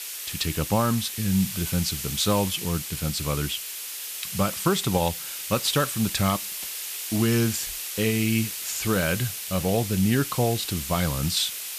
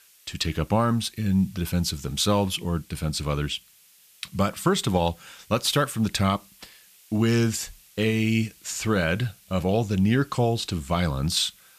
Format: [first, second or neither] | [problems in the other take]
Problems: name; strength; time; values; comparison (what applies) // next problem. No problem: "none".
second | hiss; loud; throughout; 5 dB below the speech; faint in the second